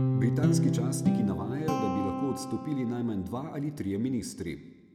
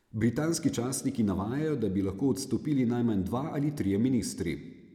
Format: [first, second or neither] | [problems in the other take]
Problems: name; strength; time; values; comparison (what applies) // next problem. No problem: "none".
second | background sound (Guitar); 2 dB above the speech